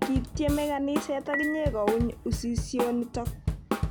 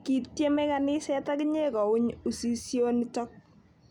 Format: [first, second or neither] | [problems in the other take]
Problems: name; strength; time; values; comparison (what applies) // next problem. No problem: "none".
second | background sound (Drum kit + Dishes, pots, and pans / Chink, clink); 2 dB below the speech